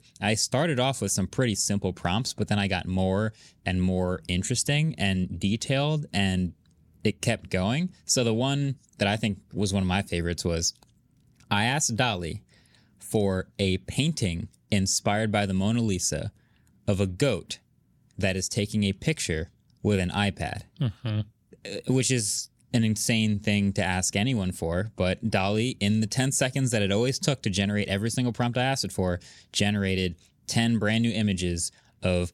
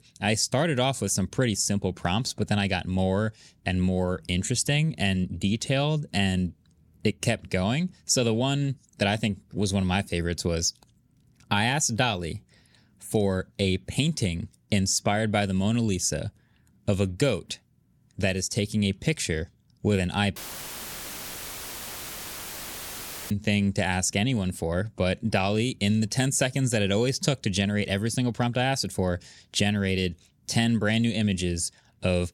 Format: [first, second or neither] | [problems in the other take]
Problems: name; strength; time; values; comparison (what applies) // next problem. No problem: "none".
first | audio cutting out; filled with static; at 20 s for 3 s